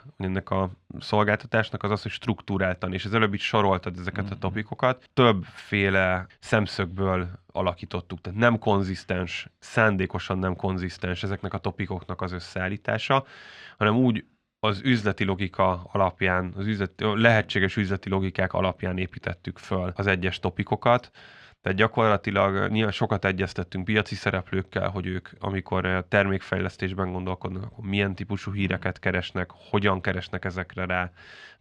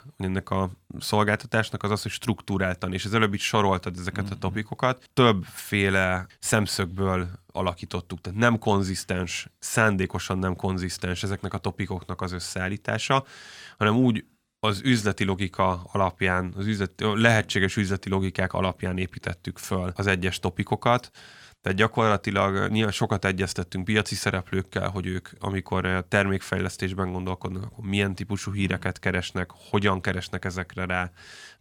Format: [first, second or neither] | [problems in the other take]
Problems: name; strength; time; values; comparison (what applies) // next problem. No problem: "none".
second | muffled; slightly; fading above 3 kHz